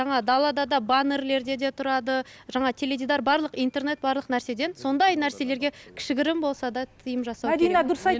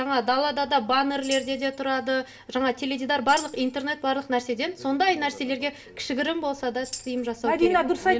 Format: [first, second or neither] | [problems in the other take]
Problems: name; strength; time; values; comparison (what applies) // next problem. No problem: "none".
first | background sound (Tambourine); 18 dB below the speech // room echo; dies away in 0.3 s